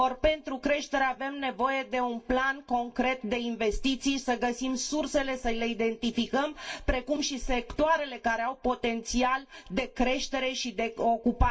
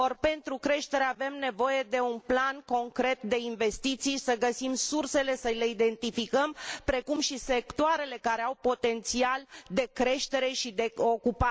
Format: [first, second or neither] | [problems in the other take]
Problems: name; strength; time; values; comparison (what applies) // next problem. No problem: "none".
second | room echo; dies away in 0.1 s